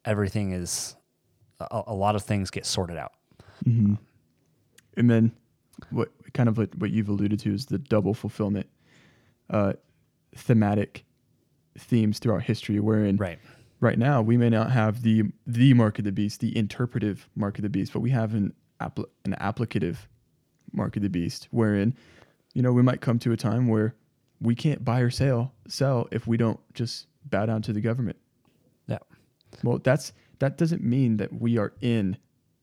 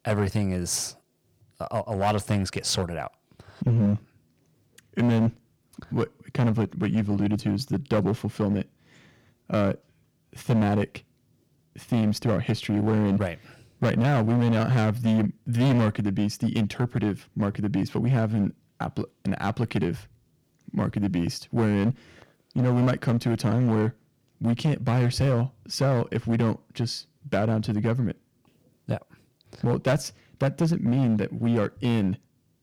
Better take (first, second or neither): first